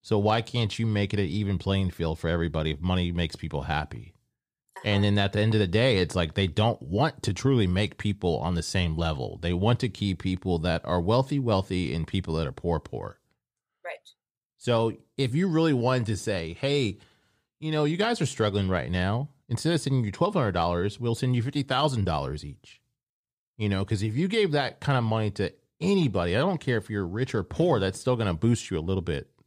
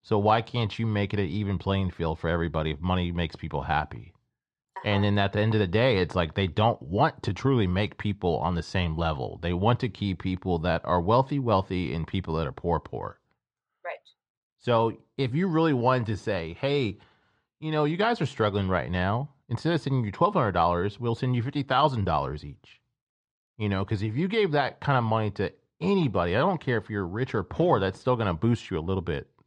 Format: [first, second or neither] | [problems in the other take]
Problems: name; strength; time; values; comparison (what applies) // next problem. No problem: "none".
first | muffled; slightly; fading above 4 kHz